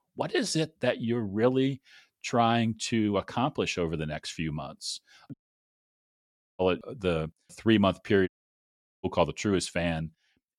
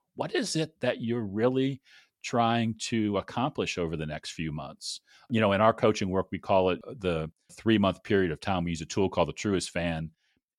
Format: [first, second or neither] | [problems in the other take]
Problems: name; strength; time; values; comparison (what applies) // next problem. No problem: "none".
second | audio cutting out; at 5.5 s for 1.5 s and at 8.5 s for 1 s